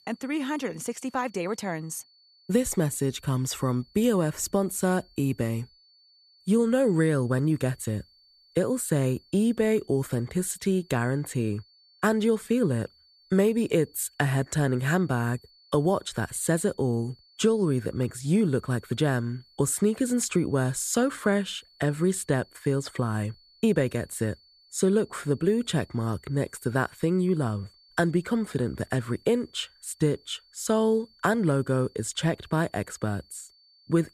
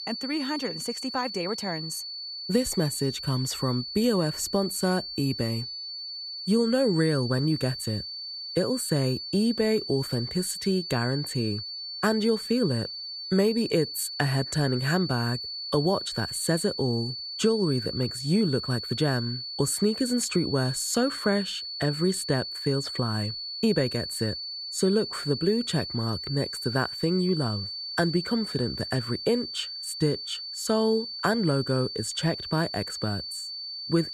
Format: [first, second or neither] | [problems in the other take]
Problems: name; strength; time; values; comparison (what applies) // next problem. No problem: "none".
first | high-pitched whine; loud; throughout; 4.5 kHz, 6 dB below the speech; faint in the first